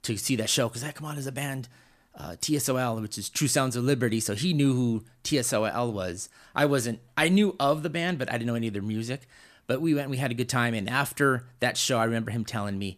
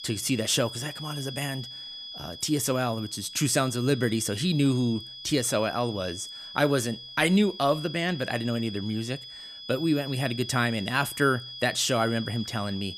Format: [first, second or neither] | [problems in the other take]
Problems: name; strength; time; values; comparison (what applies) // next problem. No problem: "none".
first | high-pitched whine; noticeable; throughout; 3.5 kHz, 10 dB below the speech